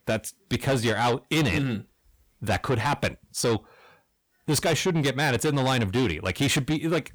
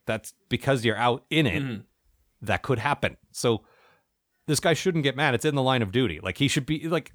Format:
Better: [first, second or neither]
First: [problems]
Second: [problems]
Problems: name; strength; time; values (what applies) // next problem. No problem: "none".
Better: second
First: distortion; heavy; 7 dB below the speech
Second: none